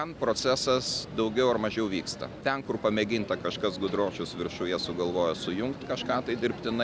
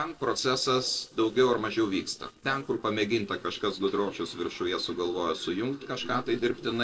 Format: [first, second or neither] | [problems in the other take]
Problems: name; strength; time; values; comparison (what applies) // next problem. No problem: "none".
first | noise reduction (neural separator model SepFormer DNS4)